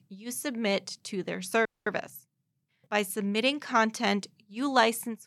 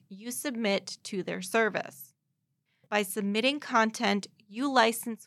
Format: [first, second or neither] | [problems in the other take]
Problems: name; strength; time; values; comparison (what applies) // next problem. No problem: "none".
second | audio freezing; at 1.5 s